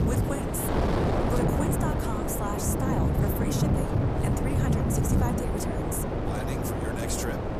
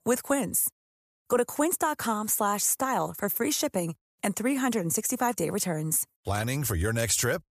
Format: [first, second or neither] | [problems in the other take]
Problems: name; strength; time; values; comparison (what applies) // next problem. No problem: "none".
second | wind noise on the microphone; heavy; 5 dB above the speech